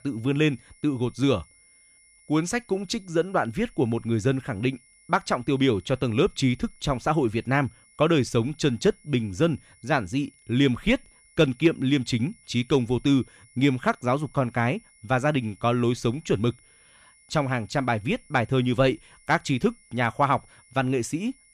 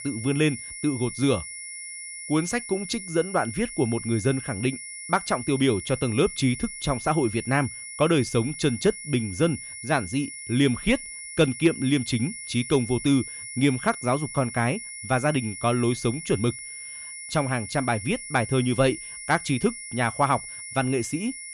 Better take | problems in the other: first | high-pitched whine; loud; throughout; 2 kHz, 10 dB below the speech; faint in the first

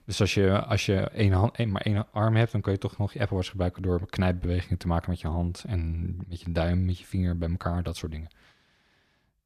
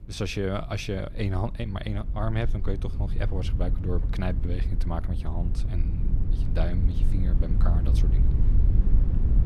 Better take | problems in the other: first | low rumble; loud; throughout; 8 dB below the speech

